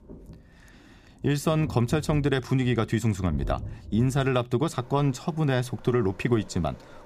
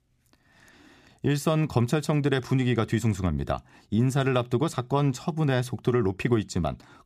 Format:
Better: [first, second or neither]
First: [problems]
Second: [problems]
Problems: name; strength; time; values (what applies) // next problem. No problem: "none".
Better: second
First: rain or running water; noticeable; throughout; 15 dB below the speech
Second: none